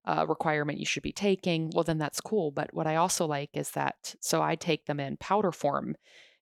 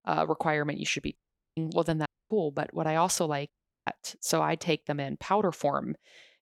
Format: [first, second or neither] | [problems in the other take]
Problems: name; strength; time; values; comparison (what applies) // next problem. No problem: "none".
first | audio cutting out; at 1 s, at 2 s and at 3.5 s